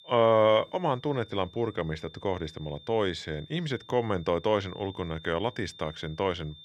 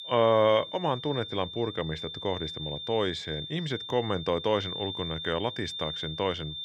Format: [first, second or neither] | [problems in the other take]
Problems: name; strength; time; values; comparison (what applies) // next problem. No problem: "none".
first | high-pitched whine; loud; throughout; 3.5 kHz, 7 dB below the speech; faint in the first